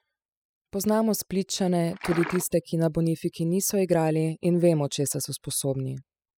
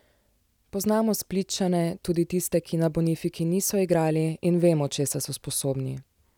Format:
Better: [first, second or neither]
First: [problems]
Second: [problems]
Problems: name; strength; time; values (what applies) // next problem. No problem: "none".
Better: second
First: noise reduction (classical method spectral subtraction)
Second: none